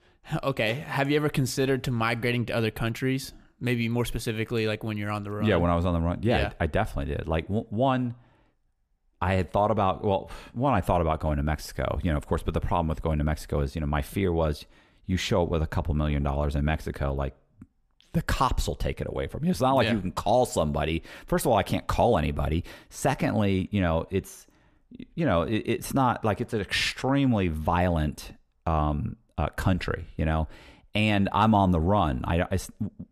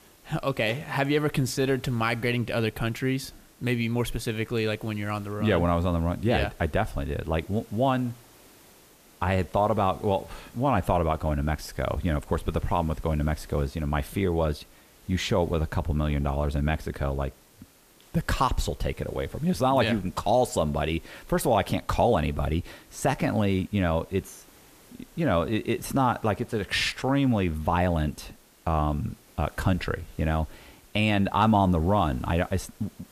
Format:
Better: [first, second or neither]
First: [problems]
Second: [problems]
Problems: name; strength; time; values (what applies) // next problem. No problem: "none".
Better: first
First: none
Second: hiss; faint; throughout; 25 dB below the speech